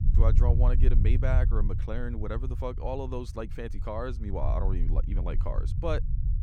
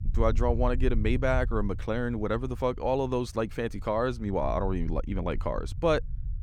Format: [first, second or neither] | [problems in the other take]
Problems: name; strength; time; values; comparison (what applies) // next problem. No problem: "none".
second | low rumble; loud; throughout; 10 dB below the speech; faint in the second